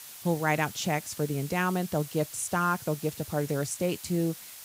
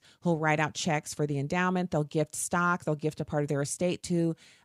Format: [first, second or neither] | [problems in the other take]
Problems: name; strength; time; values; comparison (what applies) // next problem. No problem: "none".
second | hiss; noticeable; throughout; 15 dB below the speech